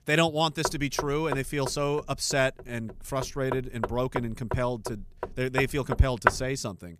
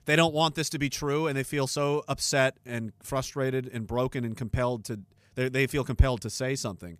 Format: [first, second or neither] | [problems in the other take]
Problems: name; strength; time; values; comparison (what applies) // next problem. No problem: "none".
second | door banging; loud; from 0.5 to 6.5 s; peak 3 dB above the speech